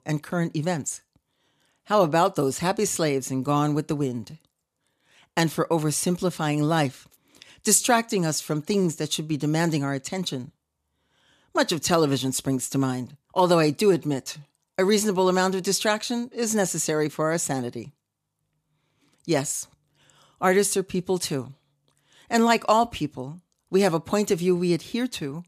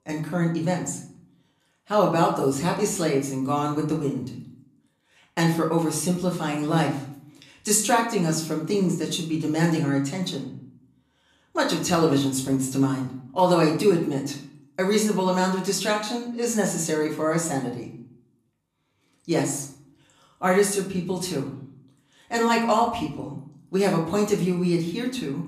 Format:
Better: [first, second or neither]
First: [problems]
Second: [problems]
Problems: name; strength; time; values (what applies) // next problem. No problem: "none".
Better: first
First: none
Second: room echo; slight; dies away in 0.5 s // off-mic speech; far